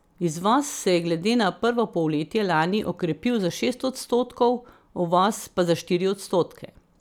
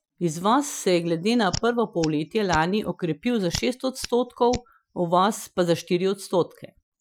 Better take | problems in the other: first | noise reduction (classical method Wiener filter)

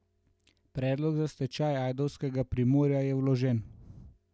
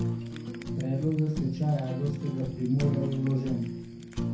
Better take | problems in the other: first | background sound (Fire); 4 dB below the speech // room echo; dies away in 0.6 s

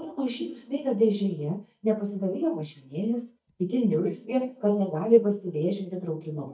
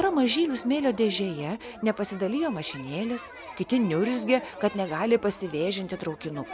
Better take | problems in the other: second | noise reduction (neural mask model DeepFilterNet 3)

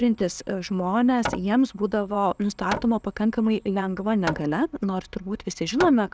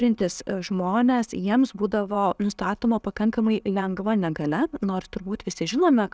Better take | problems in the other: second | background sound (Hammer); 13 dB below the speech

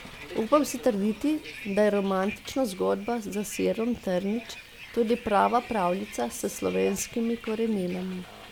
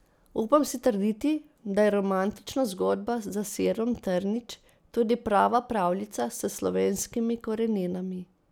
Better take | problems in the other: second | background sound (Bus); 16 dB below the speech

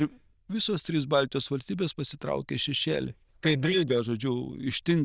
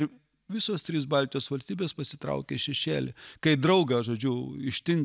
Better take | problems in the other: second | noise reduction (neural diffusion model UNIVERSE++)

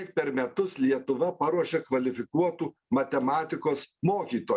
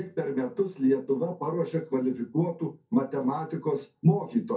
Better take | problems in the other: first | room echo; dies away in 0.3 s

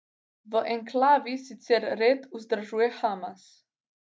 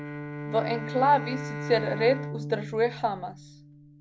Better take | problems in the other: first | background sound (Bowed string instrument); 7 dB below the speech

